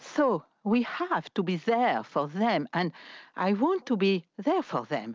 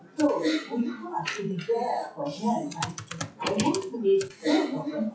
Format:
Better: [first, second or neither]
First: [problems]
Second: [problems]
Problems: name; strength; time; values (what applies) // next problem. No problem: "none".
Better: first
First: none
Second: noise reduction (classical method WPE with log-MMSE)